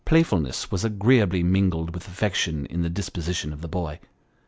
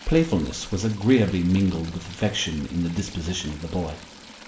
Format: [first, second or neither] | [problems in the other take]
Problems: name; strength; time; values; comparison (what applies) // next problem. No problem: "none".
first | background sound (Stream / Trickle, dribble); 19 dB below the speech // room echo; dies away in 0.5 s